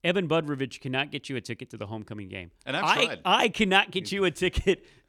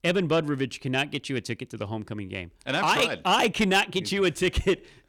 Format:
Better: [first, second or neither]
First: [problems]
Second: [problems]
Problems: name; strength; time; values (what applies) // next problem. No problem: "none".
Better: first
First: none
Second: distortion; slight; 10 dB below the speech